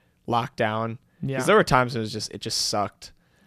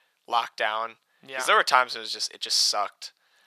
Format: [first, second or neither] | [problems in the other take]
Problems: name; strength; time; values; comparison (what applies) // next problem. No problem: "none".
first | thin; very; fading below 900 Hz